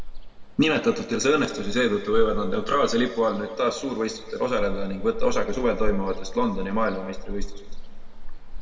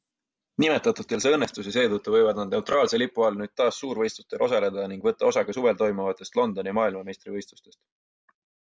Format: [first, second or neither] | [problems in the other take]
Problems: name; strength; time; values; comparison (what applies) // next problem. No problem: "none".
second | background sound (Ocean); 4 dB below the speech // room echo; dies away in 1.8 s